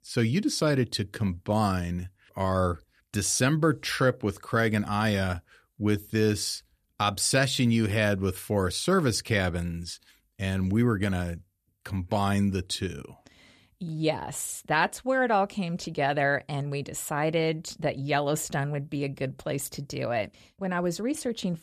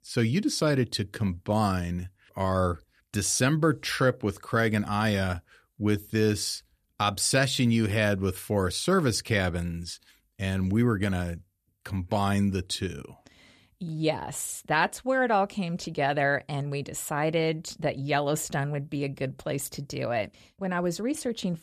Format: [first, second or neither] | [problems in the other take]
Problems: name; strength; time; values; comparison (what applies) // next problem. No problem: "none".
neither | none